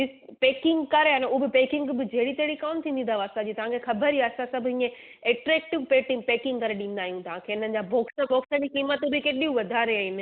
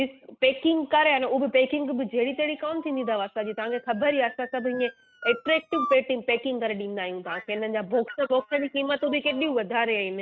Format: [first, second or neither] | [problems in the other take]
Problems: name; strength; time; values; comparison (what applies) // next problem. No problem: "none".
first | noise reduction (neural mask model RNNoise)